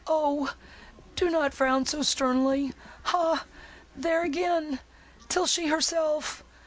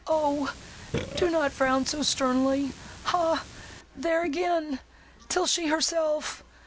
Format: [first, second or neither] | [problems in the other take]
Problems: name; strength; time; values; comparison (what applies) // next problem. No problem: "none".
first | background sound (Burping, eructation); 12 dB below the speech